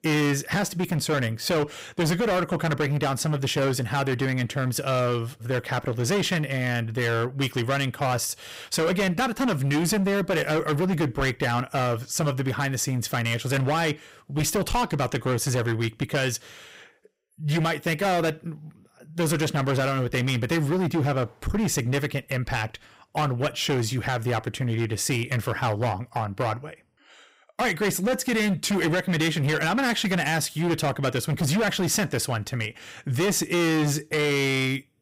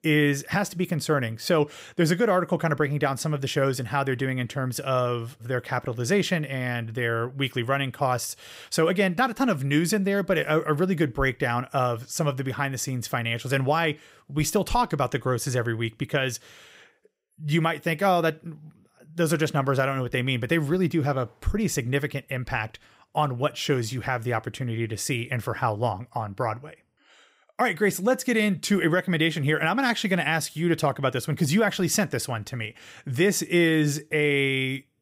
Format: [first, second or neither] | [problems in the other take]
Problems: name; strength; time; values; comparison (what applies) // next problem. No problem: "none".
second | distortion; heavy; 18% of the sound clipped